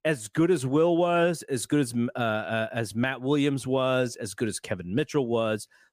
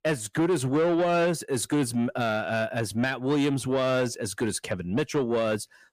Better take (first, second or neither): first